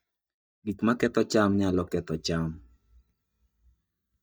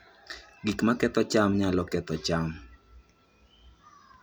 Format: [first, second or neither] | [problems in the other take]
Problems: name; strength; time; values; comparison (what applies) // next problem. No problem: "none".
second | noise reduction (neural mask model DeepFilterNet 3)